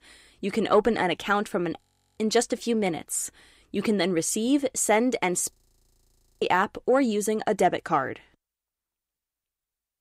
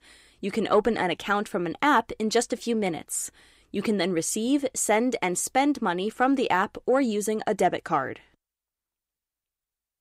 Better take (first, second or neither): second